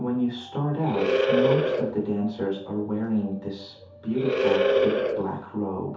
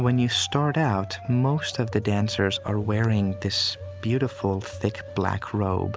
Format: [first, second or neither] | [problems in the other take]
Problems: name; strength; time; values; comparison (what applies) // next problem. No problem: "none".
second | background sound (Animal); 4 dB above the speech // room echo; dies away in 0.5 s